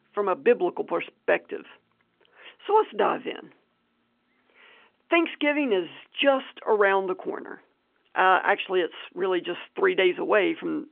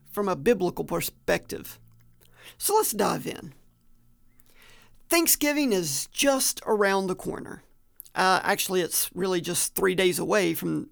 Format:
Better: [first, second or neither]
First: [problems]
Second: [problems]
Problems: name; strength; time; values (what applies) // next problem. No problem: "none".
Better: second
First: phone-call audio; nothing above 3 kHz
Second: none